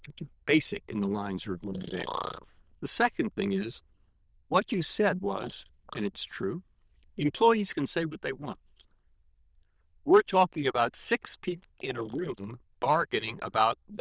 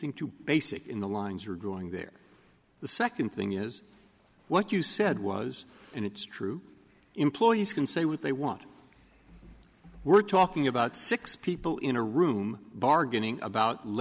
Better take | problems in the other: second | noise reduction (neural diffusion model UNIVERSE++)

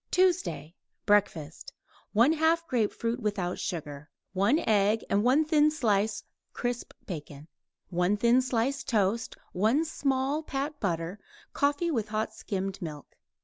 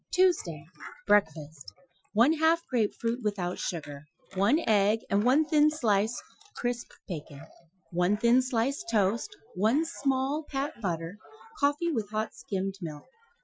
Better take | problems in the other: first | noise reduction (classical method Wiener filter)

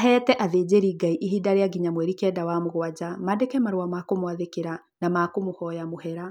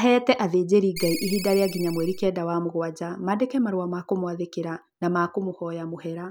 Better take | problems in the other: first | background sound (Ringtone); 10 dB below the speech

